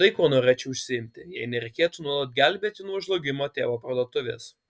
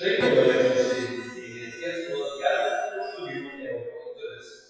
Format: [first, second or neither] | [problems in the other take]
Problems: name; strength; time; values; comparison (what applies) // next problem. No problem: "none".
first | noise reduction (classical method WPE with log-MMSE)